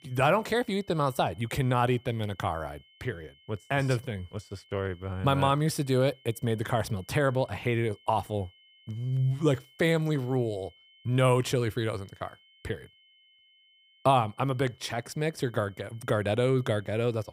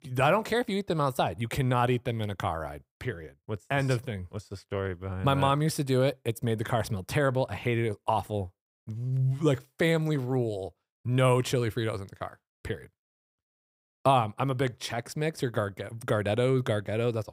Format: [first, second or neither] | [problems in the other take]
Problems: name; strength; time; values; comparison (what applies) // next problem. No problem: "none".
second | high-pitched whine; faint; throughout; 3 kHz, 30 dB below the speech